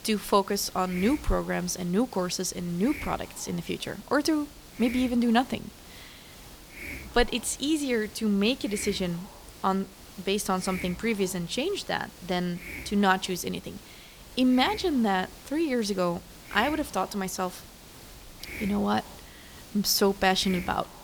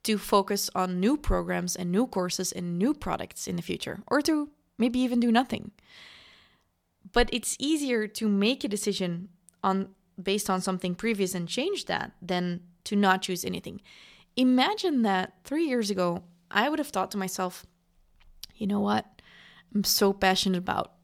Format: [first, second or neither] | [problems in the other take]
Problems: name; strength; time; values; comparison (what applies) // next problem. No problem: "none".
second | hiss; noticeable; throughout; 15 dB below the speech